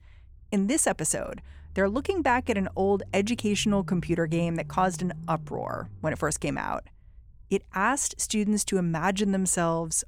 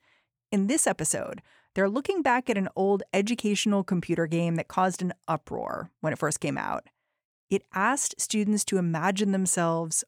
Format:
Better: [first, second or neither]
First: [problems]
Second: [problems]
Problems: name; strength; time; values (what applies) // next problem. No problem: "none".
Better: second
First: low rumble; faint; throughout; 25 dB below the speech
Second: none